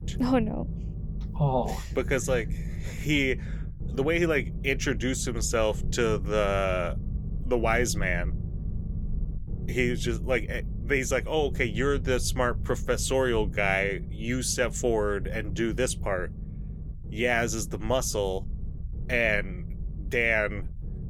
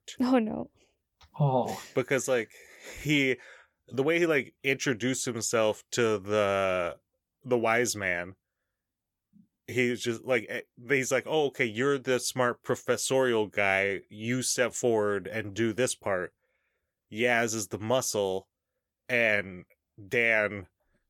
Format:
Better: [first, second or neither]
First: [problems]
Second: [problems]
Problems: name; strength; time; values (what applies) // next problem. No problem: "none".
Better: second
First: low rumble; noticeable; throughout; 20 dB below the speech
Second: none